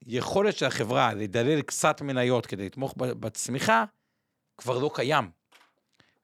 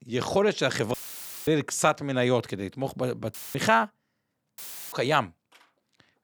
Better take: first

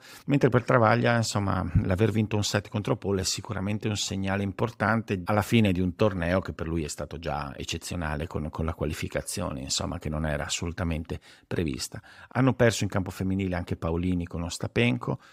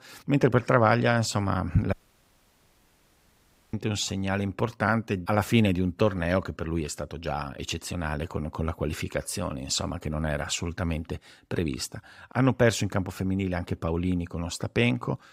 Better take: first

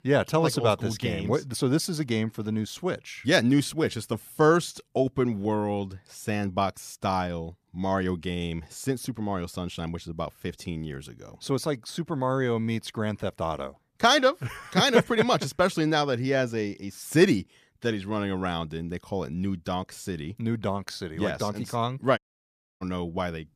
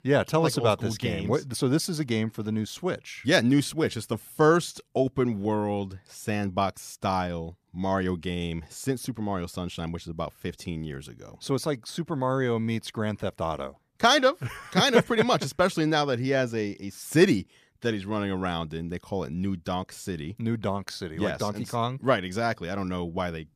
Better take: second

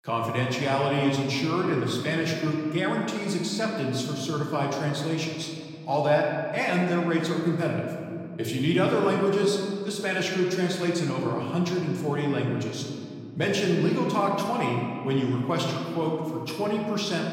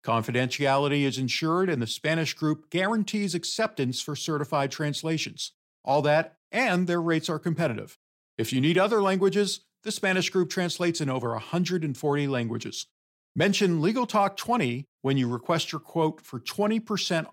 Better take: second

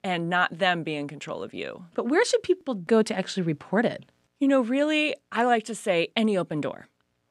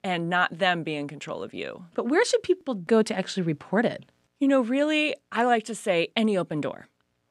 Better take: neither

